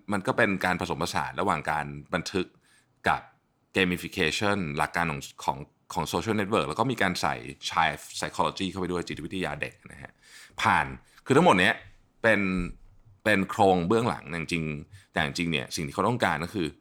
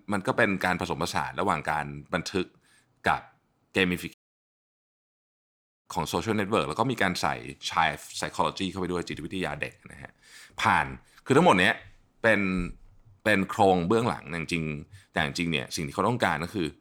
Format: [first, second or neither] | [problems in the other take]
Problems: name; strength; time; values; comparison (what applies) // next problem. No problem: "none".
first | audio cutting out; at 4 s for 1.5 s